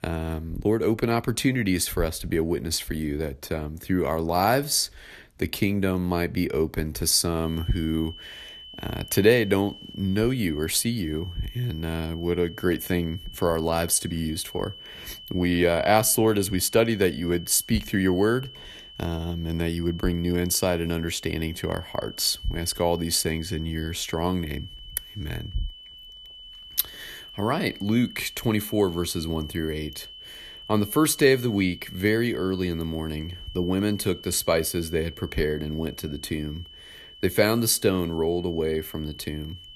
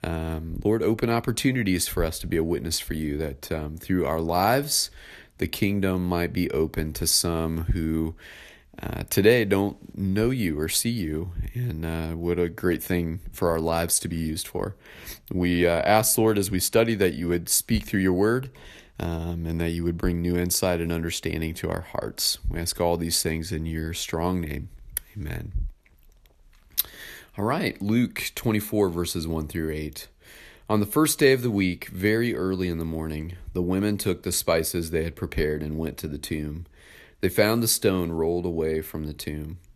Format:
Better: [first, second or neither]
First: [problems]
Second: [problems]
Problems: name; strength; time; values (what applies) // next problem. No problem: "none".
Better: second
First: high-pitched whine; noticeable; from 7.5 s on; 3 kHz, 15 dB below the speech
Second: none